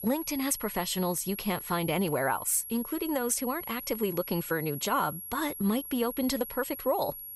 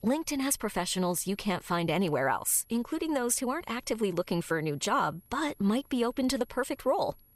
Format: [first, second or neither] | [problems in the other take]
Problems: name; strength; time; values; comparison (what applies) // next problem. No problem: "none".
second | high-pitched whine; loud; throughout; 11.5 kHz, 8 dB below the speech; faint in the second